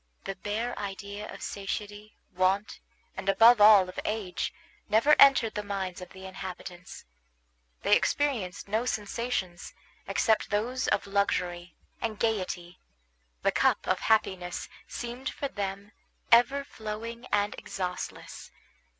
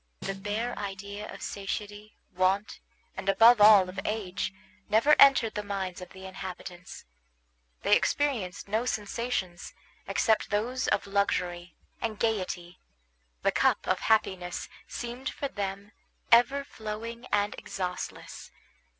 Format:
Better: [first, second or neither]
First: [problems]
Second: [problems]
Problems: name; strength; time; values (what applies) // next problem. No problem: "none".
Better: first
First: none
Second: background sound (Snare drum); 16 dB below the speech